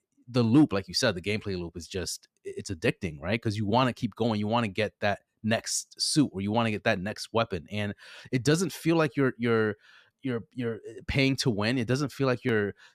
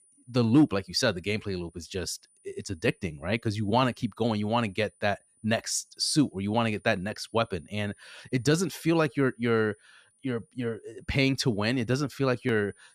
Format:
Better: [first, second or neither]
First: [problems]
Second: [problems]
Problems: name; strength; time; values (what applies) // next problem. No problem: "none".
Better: first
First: none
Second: high-pitched whine; faint; throughout; 9.5 kHz, 35 dB below the speech